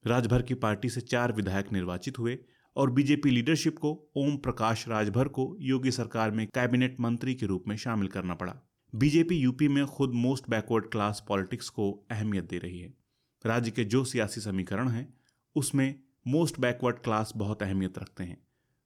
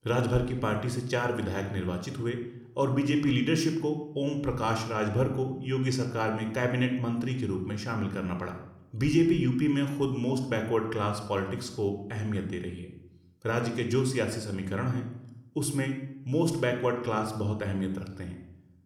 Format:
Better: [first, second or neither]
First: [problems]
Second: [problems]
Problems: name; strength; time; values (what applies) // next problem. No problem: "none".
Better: first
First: none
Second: room echo; slight; dies away in 0.6 s